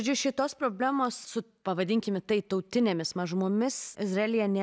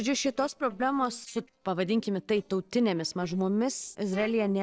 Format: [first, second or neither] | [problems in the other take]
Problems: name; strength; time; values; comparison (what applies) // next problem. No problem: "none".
first | noise reduction (neural separator model SepFormer DNS4)